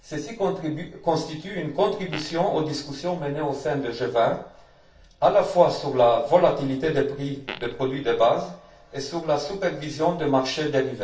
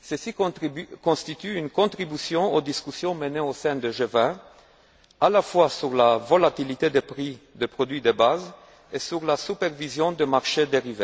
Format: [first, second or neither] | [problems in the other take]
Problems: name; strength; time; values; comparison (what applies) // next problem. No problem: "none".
second | background sound (Fart); 16 dB below the speech // room echo; dies away in 0.4 s